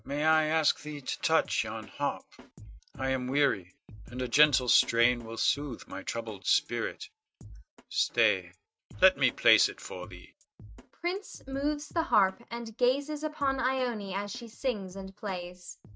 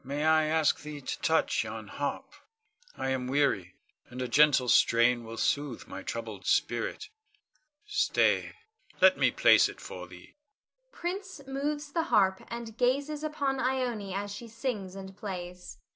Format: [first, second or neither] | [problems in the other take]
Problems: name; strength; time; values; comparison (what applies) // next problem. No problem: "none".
second | noise reduction (neural mask model RNNoise)